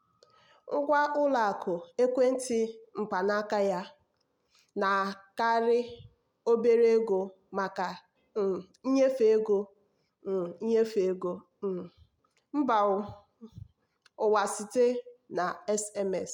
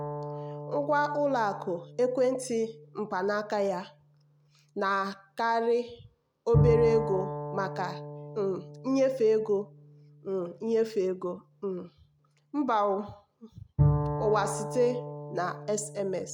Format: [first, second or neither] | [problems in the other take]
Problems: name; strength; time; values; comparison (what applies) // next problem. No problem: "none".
first | background sound (Bowed string instrument); 5 dB below the speech